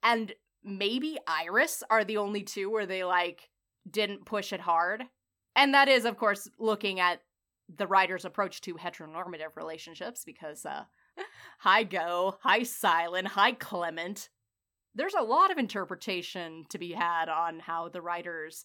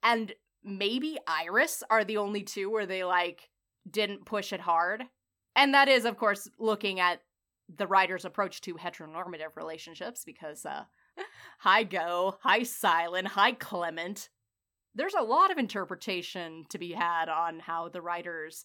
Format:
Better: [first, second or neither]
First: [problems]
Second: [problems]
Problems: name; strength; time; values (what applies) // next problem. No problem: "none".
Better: neither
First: none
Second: none